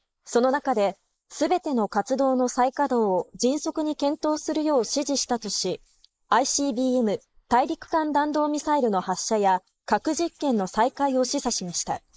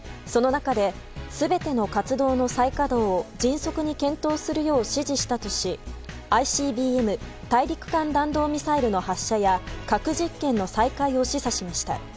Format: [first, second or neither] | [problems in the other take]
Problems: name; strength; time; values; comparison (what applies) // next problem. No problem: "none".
second | noise reduction (neural mask model Resemble Enhance denoiser)